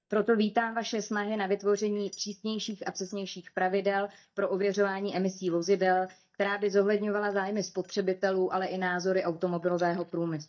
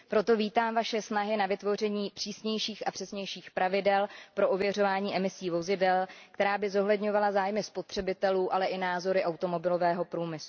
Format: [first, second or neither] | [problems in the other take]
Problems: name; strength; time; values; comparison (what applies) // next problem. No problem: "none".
second | noise reduction (neural mask model DeepFilterNet 3)